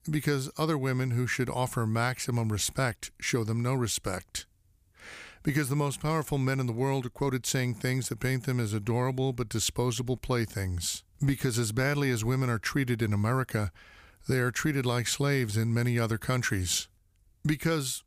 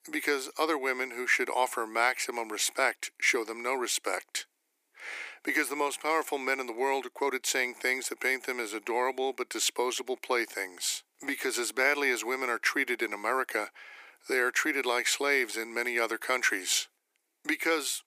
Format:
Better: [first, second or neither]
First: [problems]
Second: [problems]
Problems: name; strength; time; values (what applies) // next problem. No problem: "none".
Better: first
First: none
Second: thin; very; fading below 300 Hz